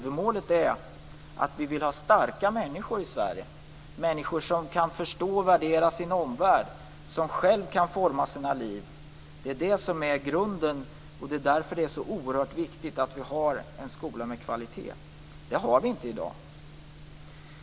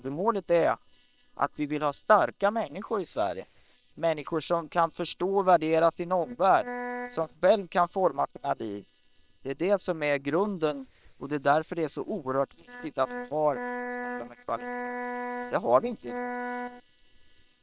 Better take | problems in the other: first | noise reduction (neural separator model SepFormer WHAM!)

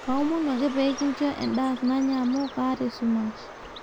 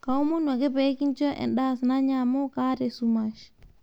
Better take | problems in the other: second | background sound (Bird); 14 dB below the speech

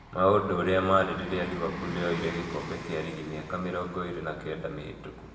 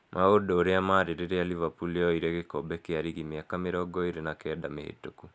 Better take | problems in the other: second | background sound (Bus); 12 dB below the speech // room echo; dies away in 1.4 s

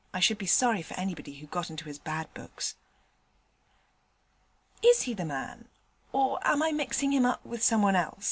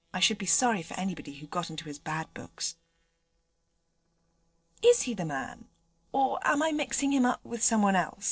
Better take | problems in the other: first | noise reduction (neural separator model SepFormer DNS4)

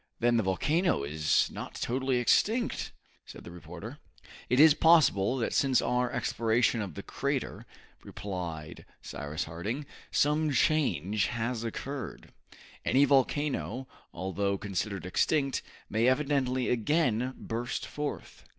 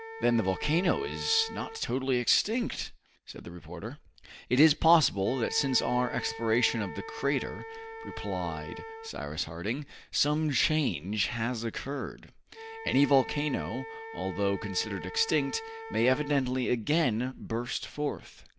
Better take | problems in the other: first | background sound (Wind instrument, woodwind instrument); 14 dB below the speech

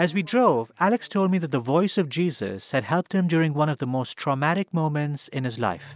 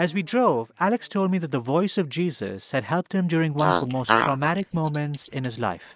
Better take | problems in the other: first | noise reduction (neural mask model Resemble Enhance denoiser)

